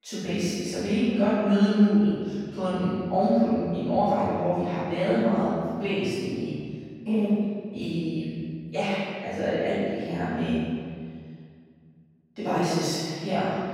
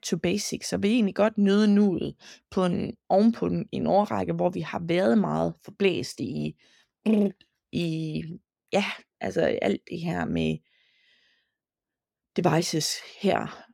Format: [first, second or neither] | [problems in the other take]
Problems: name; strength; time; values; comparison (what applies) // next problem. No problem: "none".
second | off-mic speech; far // room echo; strong; dies away in 1.9 s